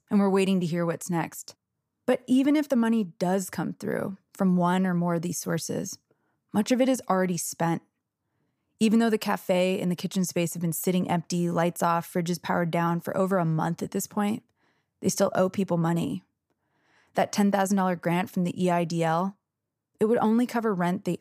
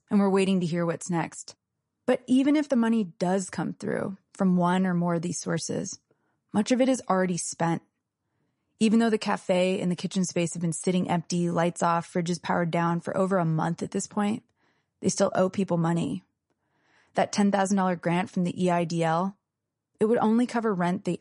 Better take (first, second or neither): first